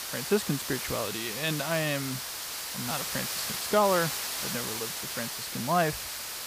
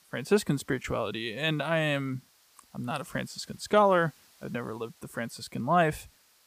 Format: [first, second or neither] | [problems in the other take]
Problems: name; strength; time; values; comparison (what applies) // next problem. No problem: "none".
second | hiss; loud; throughout; 2 dB below the speech; faint in the second